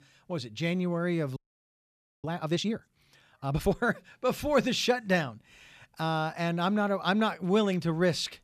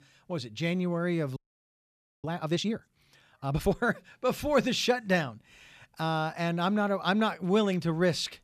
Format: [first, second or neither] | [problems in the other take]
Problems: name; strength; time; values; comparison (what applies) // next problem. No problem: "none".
neither | audio freezing; at 1.5 s for 1 s; the same in both